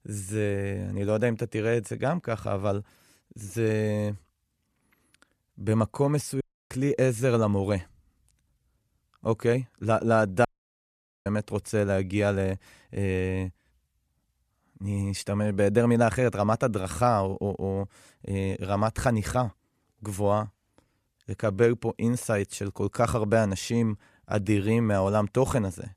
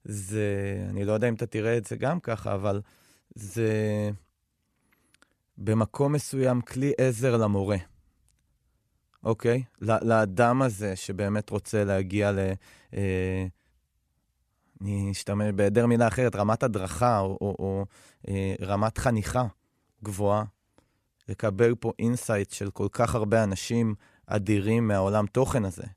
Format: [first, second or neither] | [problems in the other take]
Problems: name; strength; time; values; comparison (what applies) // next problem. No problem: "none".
second | audio cutting out; at 6.5 s and at 10 s for 1 s